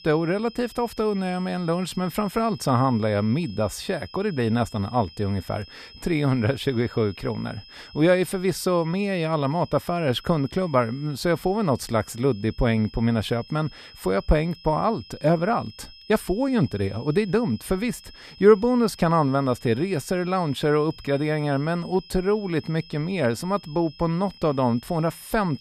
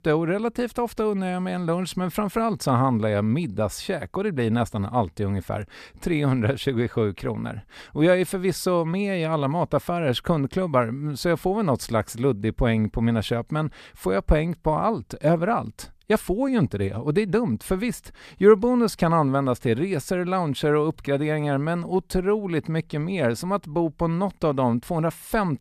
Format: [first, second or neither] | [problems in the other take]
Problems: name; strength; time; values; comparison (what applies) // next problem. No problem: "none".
second | high-pitched whine; faint; throughout; 5 kHz, 20 dB below the speech